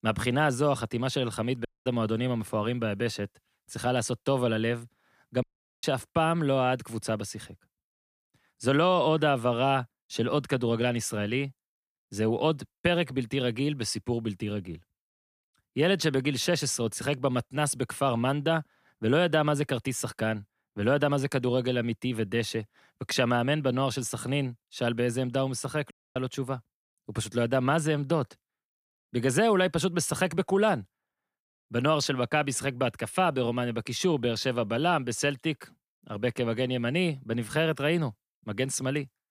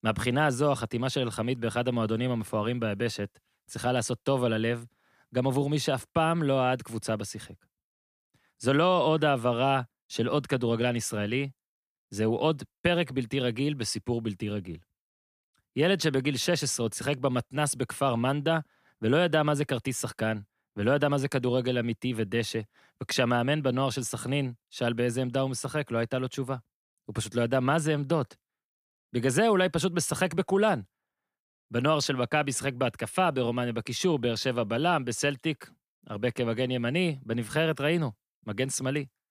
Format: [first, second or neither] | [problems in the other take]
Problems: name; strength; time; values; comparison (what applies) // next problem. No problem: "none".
second | audio cutting out; at 1.5 s, at 5.5 s and at 26 s